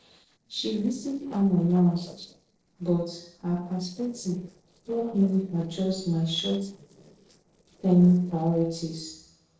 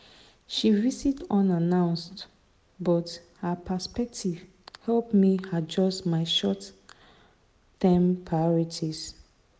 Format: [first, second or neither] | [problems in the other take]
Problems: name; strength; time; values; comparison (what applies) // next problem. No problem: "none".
second | noise reduction (neural separator model SepFormer DNS4)